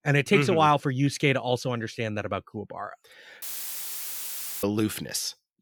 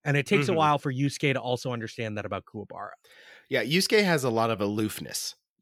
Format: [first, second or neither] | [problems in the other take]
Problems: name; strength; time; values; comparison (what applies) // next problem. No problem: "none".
second | audio cutting out; filled with static; at 3.5 s for 1 s